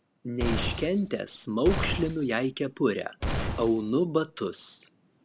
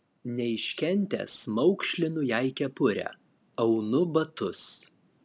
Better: second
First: background sound (Glass); 4 dB below the speech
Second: none

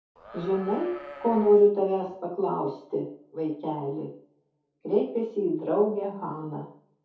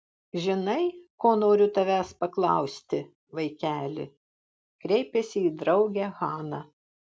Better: second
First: background sound (Livestock, farm animals, working animals); 15 dB below the speech // room echo; dies away in 0.5 s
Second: none

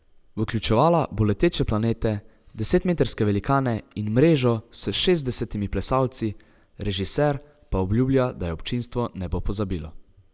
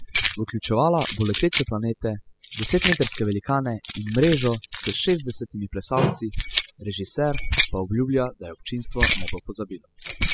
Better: first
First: none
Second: noise reduction (classical method spectral subtraction)

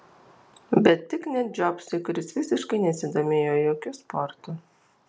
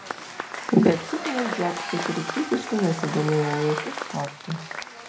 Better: first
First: none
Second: background sound (Applause / Crowd / Cheering); 7 dB below the speech // room echo; dies away in 0.5 s

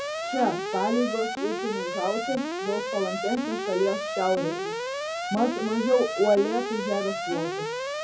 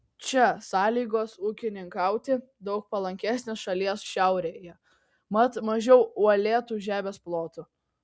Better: second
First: background sound (Alarm); 3 dB below the speech // room echo; dies away in 0.4 s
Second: none

